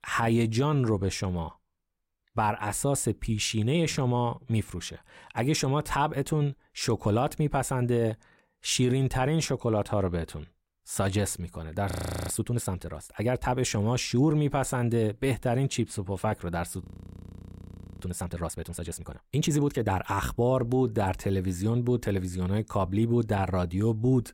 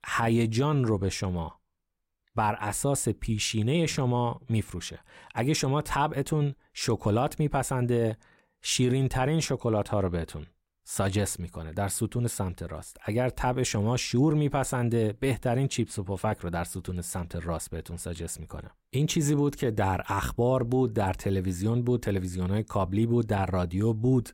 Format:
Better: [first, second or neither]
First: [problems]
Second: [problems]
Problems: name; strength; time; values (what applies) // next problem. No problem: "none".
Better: second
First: audio freezing; at 12 s and at 17 s for 1 s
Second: none